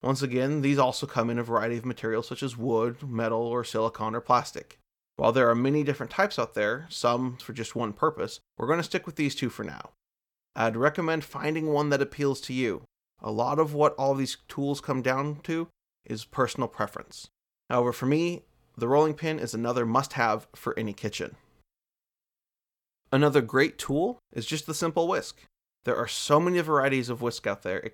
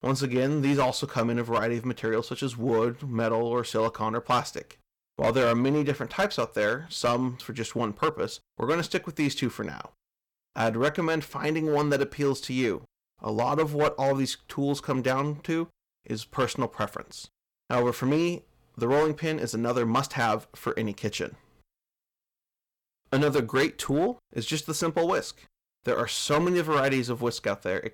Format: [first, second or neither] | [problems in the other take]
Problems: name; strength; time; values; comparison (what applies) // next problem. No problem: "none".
first | distortion; slight; 5% of the sound clipped